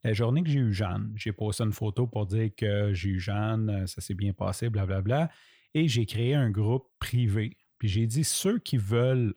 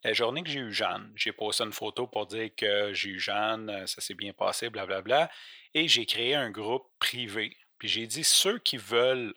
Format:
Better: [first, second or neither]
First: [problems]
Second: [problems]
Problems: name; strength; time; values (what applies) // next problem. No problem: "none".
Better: first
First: none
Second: thin; very; fading below 550 Hz